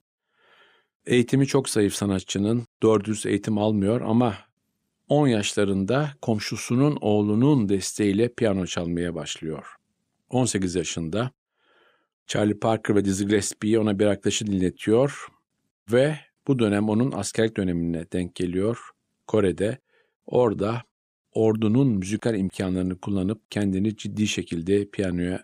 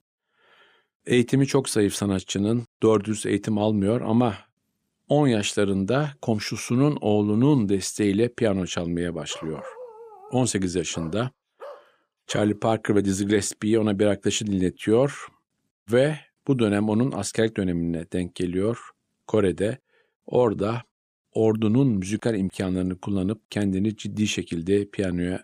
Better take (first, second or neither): first